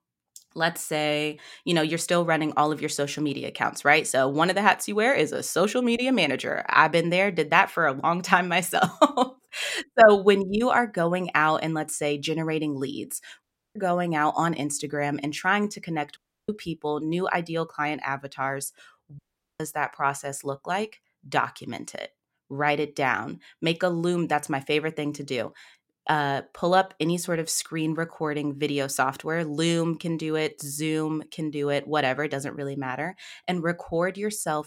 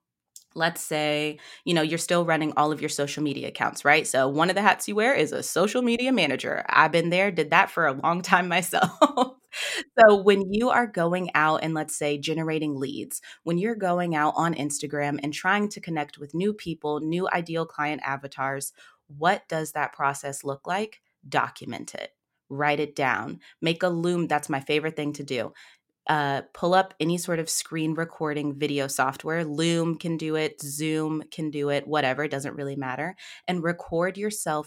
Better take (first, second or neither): second